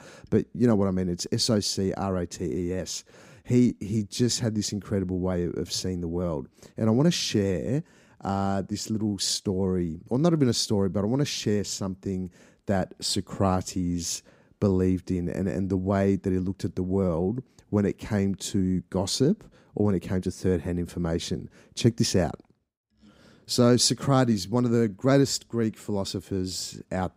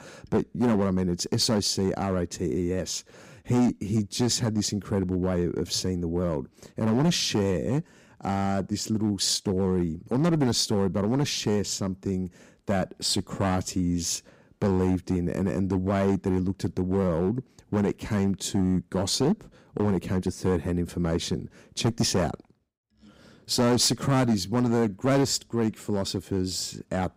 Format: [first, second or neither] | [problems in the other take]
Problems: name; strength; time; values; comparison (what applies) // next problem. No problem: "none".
first | distortion; slight; 5% of the sound clipped